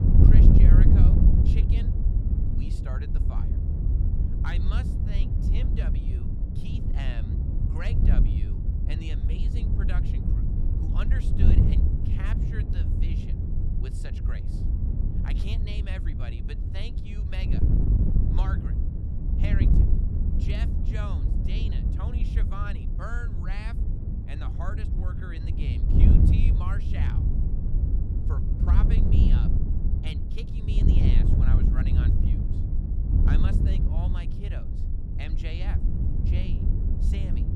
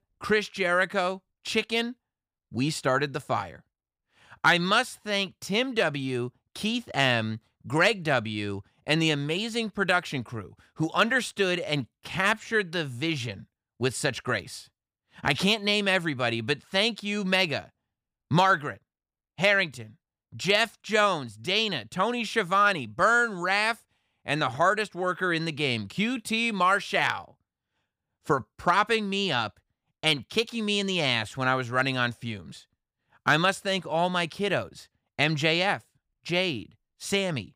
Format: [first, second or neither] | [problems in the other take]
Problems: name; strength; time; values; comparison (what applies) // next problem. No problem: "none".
second | wind noise on the microphone; heavy; 3 dB above the speech